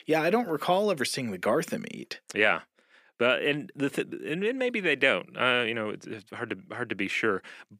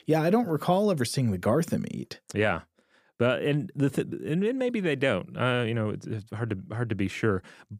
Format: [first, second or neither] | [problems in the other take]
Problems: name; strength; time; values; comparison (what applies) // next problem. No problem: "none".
second | thin; somewhat; fading below 250 Hz